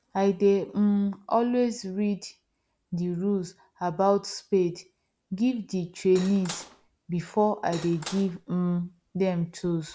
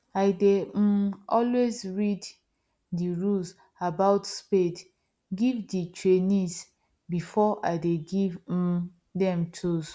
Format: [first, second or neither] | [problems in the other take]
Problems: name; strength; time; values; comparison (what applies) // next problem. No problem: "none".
second | background sound (Cutlery, silverware / Dishes, pots, and pans); 14 dB below the speech